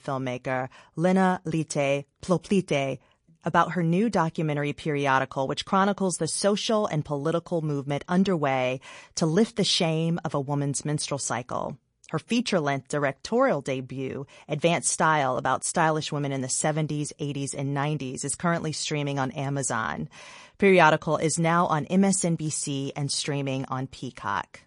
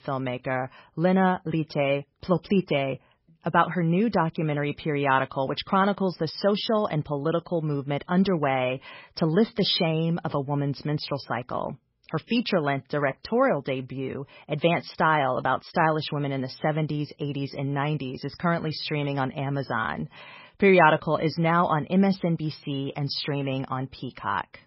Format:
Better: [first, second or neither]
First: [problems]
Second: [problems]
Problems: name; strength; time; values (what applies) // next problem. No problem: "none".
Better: first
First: garbled, watery; slightly; nothing above 10.5 kHz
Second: garbled, watery; badly; nothing above 5.5 kHz